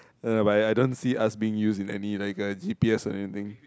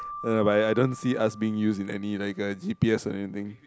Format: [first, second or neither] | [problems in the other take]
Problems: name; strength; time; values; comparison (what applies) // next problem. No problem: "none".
first | background sound (Keyboard (musical)); 17 dB below the speech